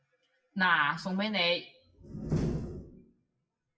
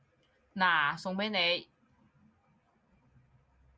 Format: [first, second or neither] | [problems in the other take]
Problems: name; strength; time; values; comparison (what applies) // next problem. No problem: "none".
second | noise reduction (classical method WPE with log-MMSE)